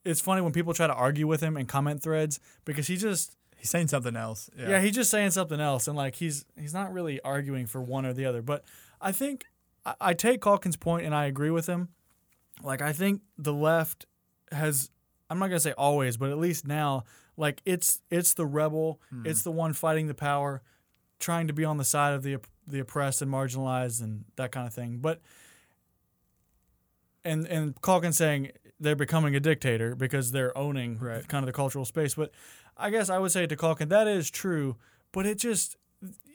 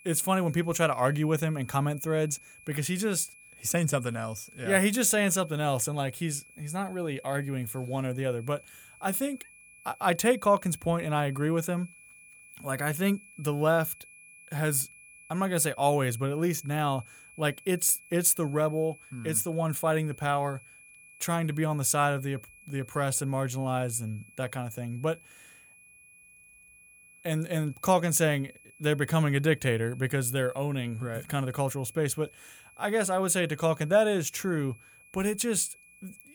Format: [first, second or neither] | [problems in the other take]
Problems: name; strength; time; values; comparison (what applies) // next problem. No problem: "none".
first | high-pitched whine; faint; throughout; 2.5 kHz, 25 dB below the speech